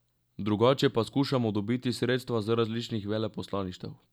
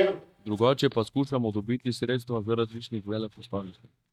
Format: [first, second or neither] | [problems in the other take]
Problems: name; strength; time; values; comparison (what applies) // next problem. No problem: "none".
first | noise reduction (neural mask model DeepFilterNet 3)